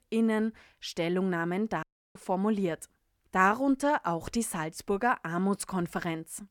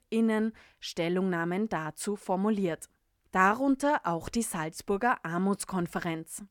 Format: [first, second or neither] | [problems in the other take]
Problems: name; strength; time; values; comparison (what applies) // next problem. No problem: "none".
second | audio cutting out; at 2 s